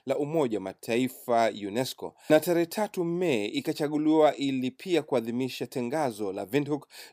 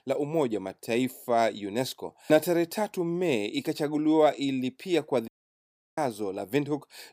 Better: first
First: none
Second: audio cutting out; at 5.5 s for 0.5 s

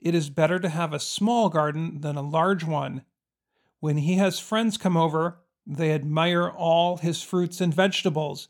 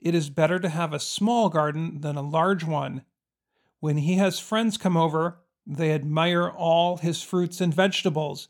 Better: neither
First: none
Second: none

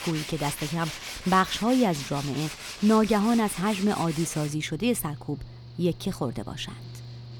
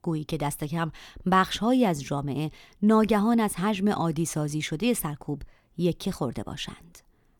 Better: second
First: machinery noise; noticeable; throughout; 10 dB below the speech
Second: none

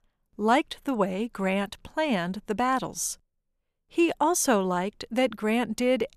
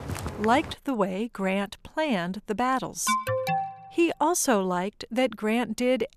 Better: first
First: none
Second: footsteps; noticeable; at the start; peak 7 dB below the speech // alarm; loud; at 3 s; peak level with the speech

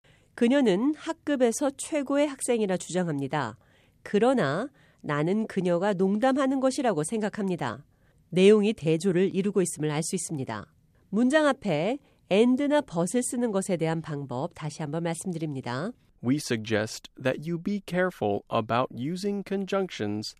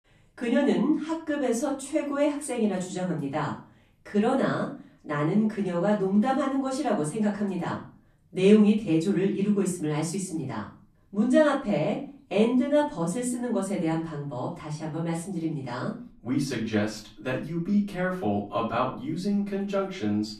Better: first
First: none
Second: room echo; slight; dies away in 0.3 s // off-mic speech; far

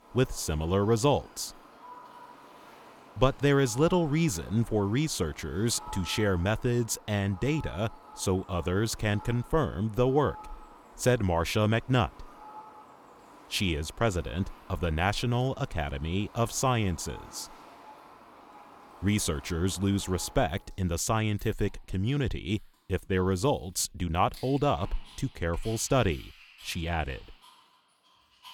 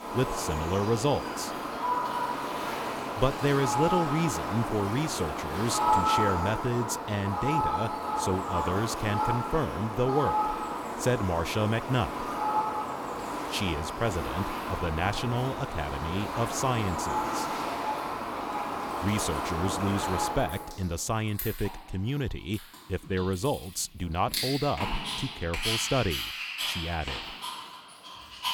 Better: first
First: animal sounds; faint; throughout; 20 dB below the speech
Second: animal sounds; loud; throughout; 1 dB below the speech

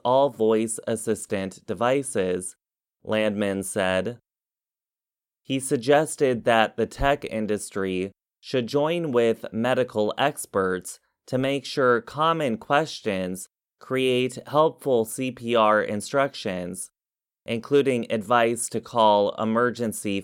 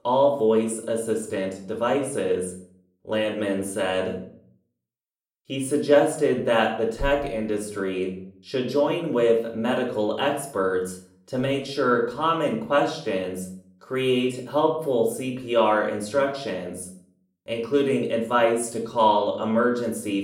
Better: first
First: none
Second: off-mic speech; somewhat distant // room echo; slight; dies away in 0.5 s

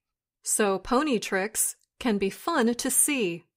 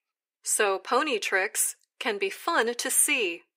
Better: first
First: none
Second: thin; somewhat; fading below 350 Hz

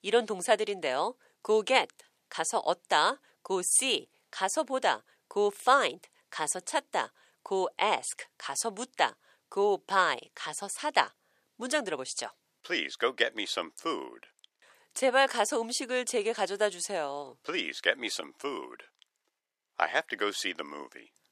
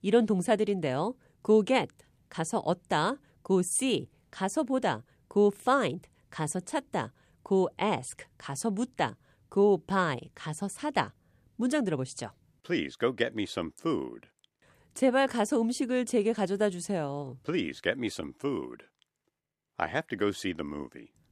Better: second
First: thin; somewhat; fading below 600 Hz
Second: none

